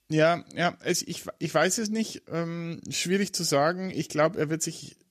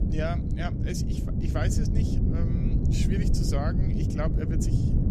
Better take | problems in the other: first | wind noise on the microphone; heavy; as loud as the speech

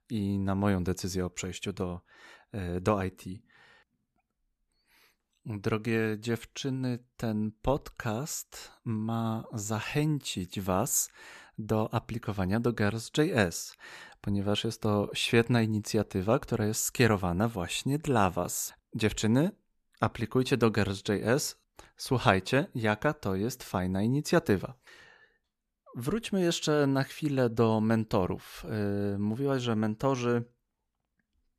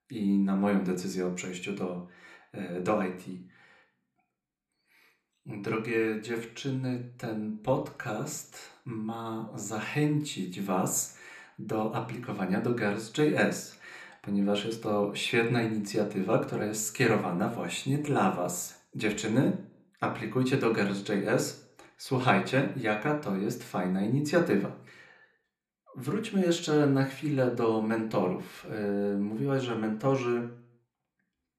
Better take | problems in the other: first | room echo; very slight; dies away in 0.4 s

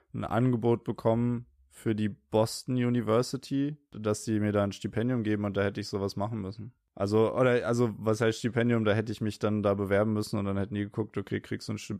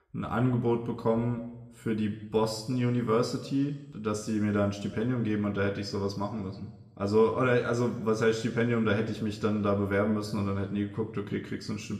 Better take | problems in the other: first | room echo; slight; dies away in 0.9 s // off-mic speech; somewhat distant

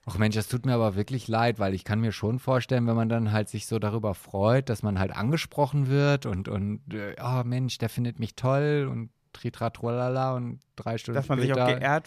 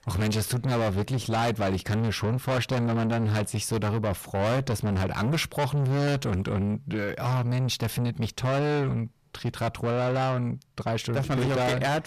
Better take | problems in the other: first | distortion; heavy; 6 dB below the speech

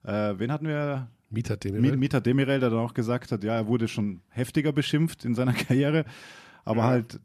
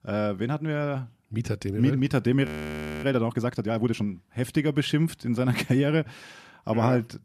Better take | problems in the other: first | audio freezing; at 2.5 s for 0.5 s

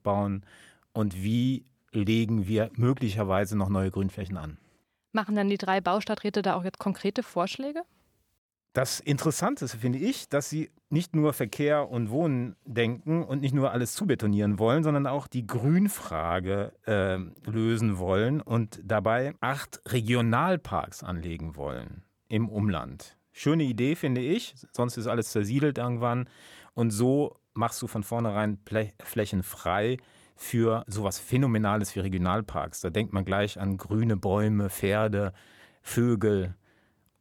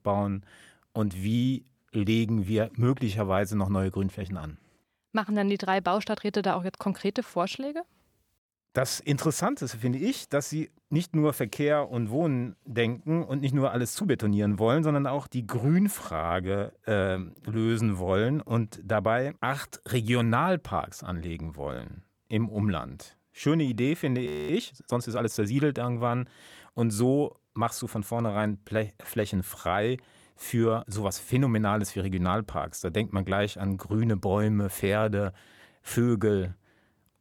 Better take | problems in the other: first | audio freezing; at 24 s

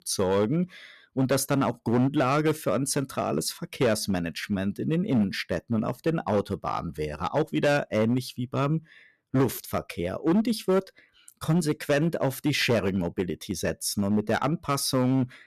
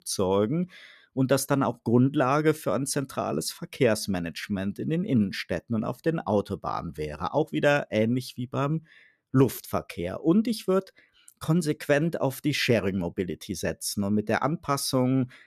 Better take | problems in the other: second | distortion; slight; 6% of the sound clipped

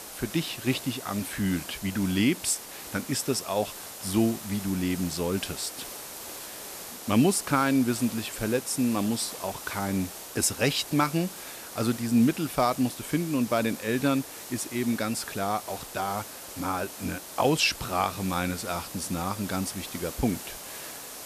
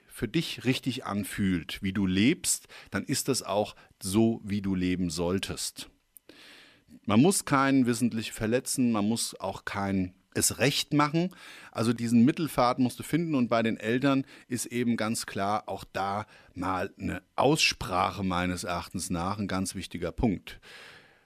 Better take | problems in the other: second | hiss; noticeable; throughout; 10 dB below the speech

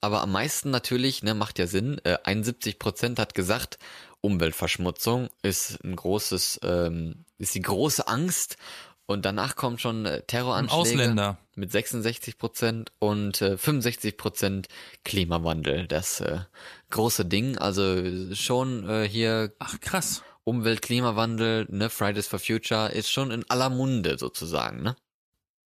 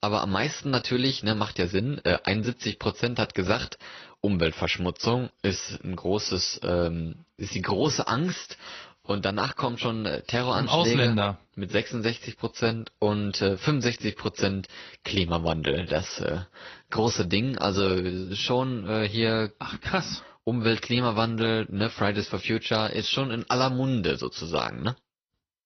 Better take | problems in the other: first | garbled, watery; slightly; nothing above 6 kHz

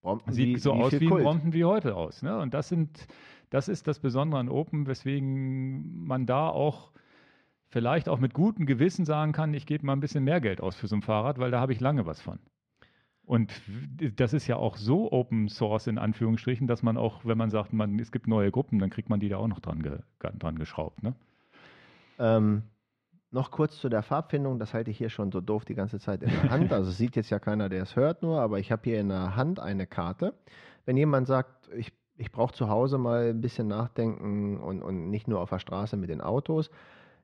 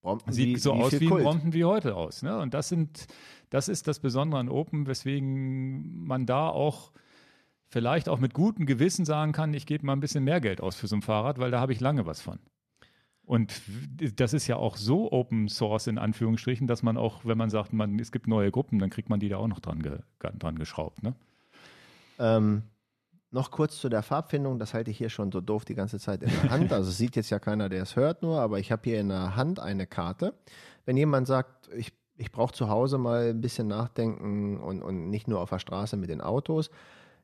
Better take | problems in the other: second | muffled; slightly; fading above 3 kHz

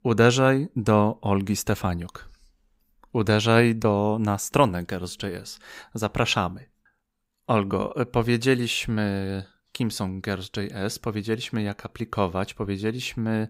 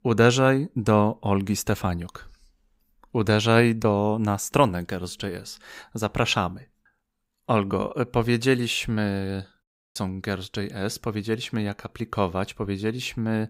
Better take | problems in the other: first | audio cutting out; at 9.5 s

